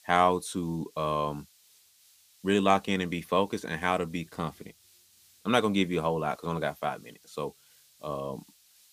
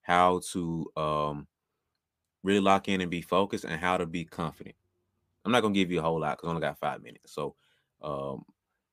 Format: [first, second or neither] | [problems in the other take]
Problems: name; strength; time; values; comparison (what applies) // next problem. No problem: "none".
second | hiss; faint; throughout; 30 dB below the speech